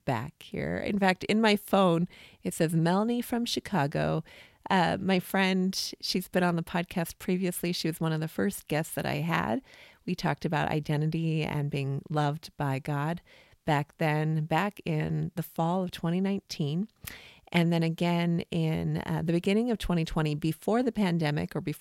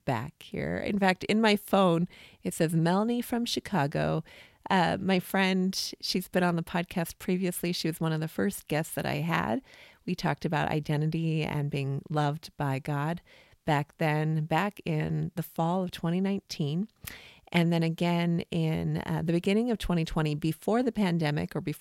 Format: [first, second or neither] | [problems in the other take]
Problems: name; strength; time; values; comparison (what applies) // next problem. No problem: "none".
neither | none